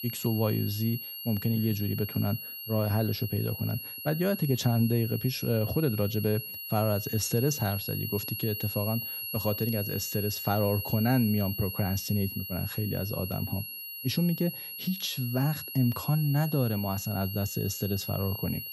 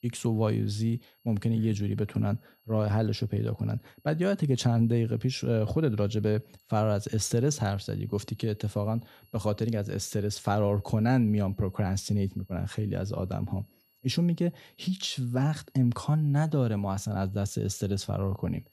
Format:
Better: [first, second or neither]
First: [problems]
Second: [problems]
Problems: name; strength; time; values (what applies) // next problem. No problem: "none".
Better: second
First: high-pitched whine; loud; throughout; 11.5 kHz, 6 dB below the speech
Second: high-pitched whine; faint; throughout; 11.5 kHz, 35 dB below the speech